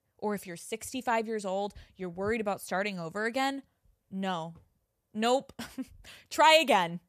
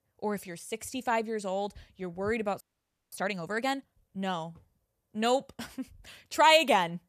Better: first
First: none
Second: audio freezing; at 2.5 s for 0.5 s

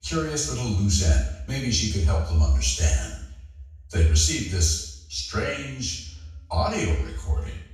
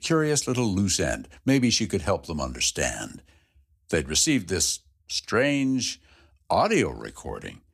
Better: second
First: room echo; noticeable; dies away in 0.6 s // off-mic speech; far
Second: none

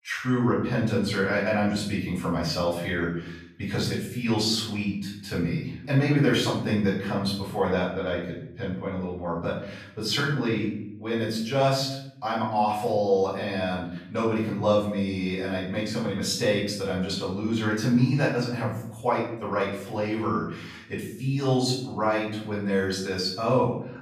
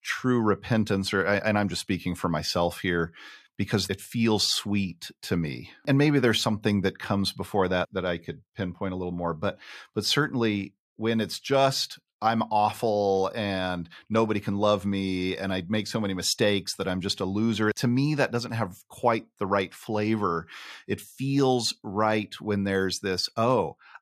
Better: second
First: room echo; noticeable; dies away in 0.7 s // off-mic speech; far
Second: none

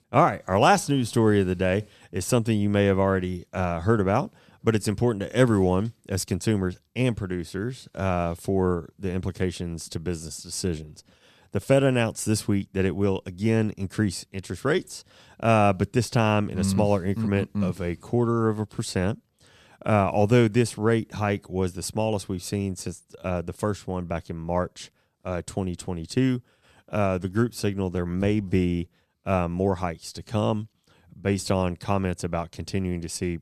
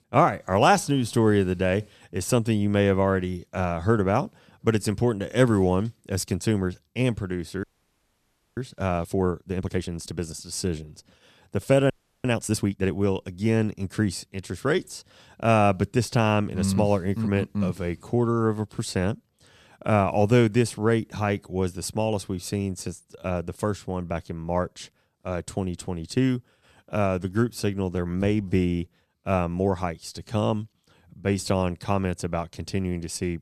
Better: first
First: none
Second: audio freezing; at 7.5 s for 1 s and at 12 s

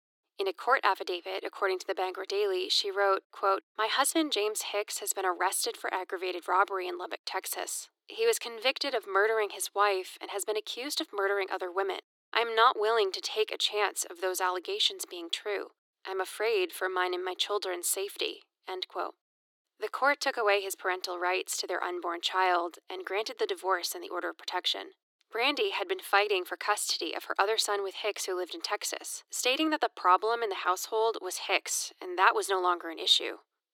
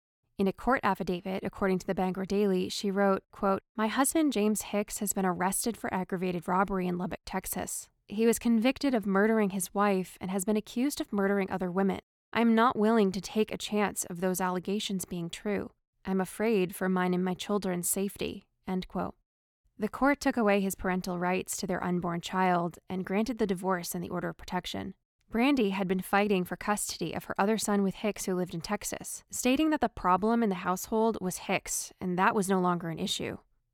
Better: second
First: thin; very; fading below 300 Hz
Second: none

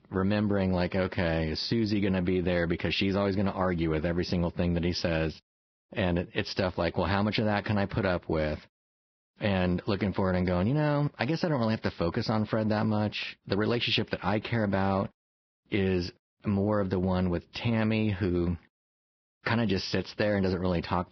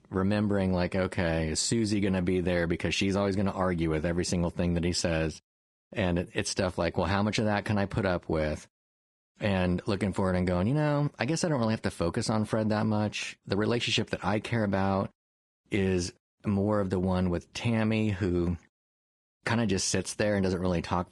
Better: second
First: garbled, watery; badly; nothing above 5.5 kHz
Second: garbled, watery; slightly

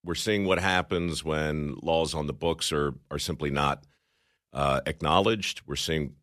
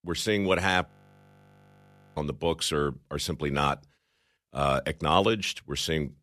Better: first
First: none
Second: audio freezing; at 1 s for 1.5 s

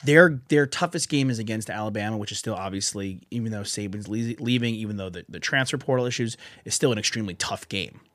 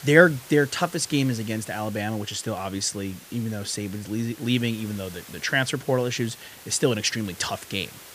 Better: first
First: none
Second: hiss; noticeable; throughout; 20 dB below the speech

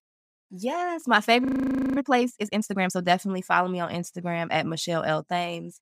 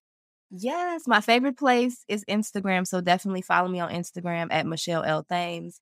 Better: second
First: audio freezing; at 1.5 s for 0.5 s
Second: none

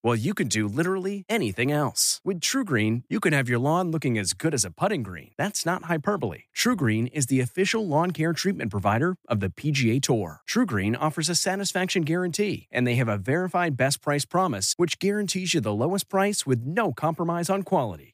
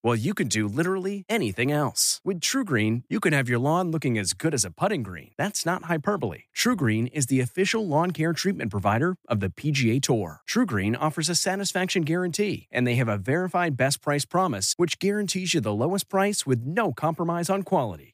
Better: neither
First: none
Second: none

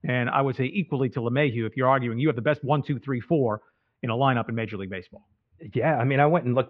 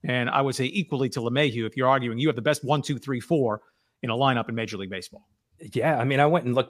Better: second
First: muffled; very; fading above 2.5 kHz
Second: none

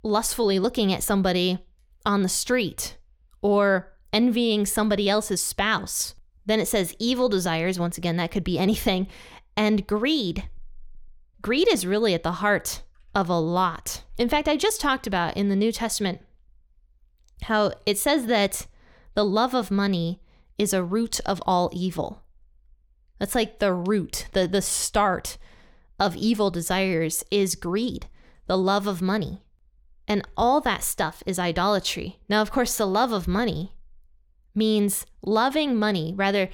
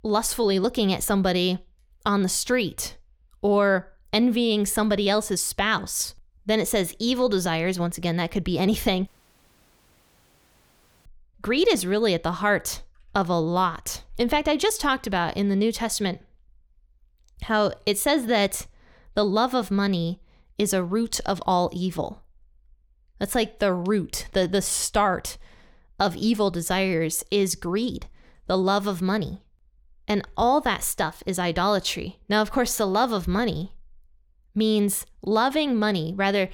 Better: first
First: none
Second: audio cutting out; at 9 s for 2 s

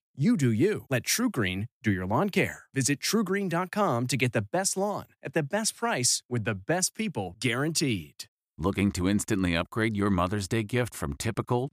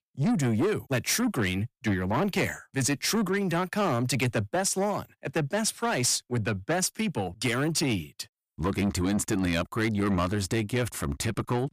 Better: first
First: none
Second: distortion; slight; 10 dB below the speech

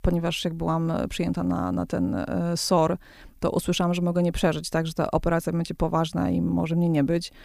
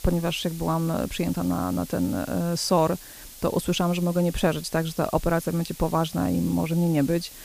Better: first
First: none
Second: hiss; noticeable; throughout; 15 dB below the speech

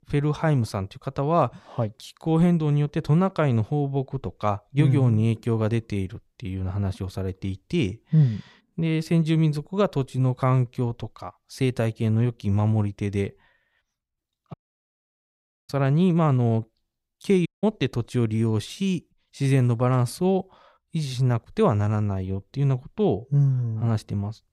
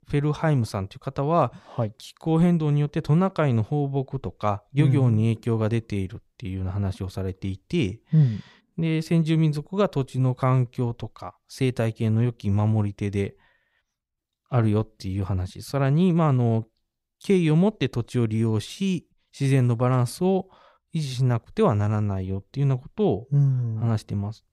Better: second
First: audio cutting out; at 15 s for 1 s and at 17 s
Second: none

